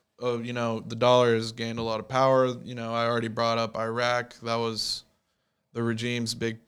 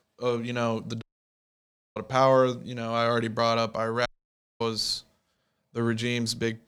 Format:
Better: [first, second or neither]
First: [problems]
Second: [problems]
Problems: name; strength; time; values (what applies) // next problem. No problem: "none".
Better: first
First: none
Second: audio cutting out; at 1 s for 1 s and at 4 s for 0.5 s